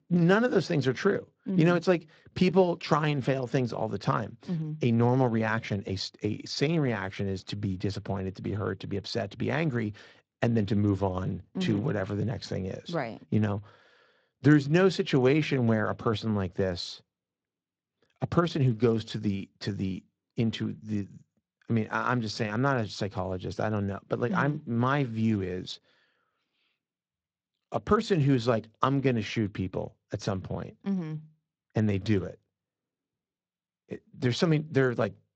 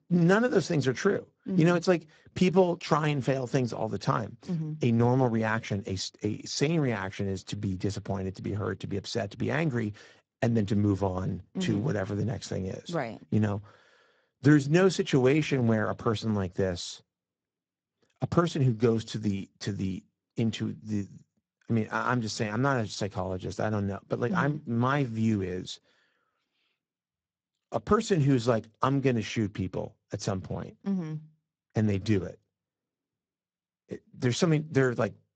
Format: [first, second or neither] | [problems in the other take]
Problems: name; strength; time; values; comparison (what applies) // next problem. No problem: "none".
first | garbled, watery; badly; nothing above 7.5 kHz; slightly in the first